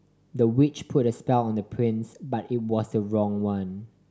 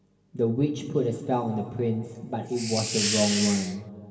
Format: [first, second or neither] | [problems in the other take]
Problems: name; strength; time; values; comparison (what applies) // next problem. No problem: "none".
first | background sound (Hiss); 3 dB below the speech // room echo; dies away in 2.3 s